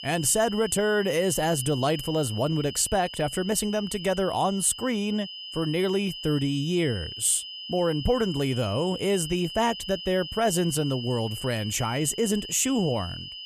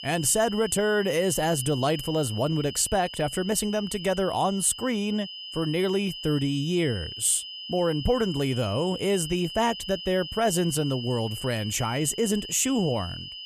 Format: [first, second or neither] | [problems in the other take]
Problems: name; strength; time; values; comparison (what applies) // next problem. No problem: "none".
neither | high-pitched whine; noticeable; throughout; 3 kHz, 10 dB below the speech; the same in both